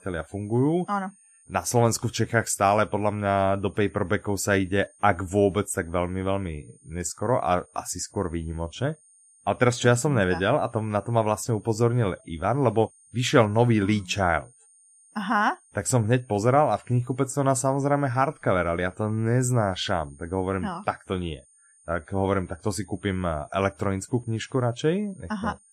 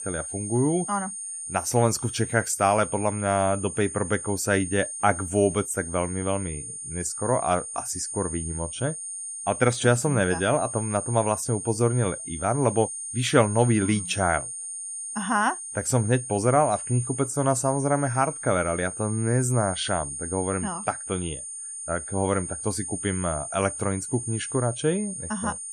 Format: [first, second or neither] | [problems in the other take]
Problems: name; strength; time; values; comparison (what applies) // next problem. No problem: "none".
first | high-pitched whine; loud; throughout; 9 kHz, 7 dB below the speech; faint in the first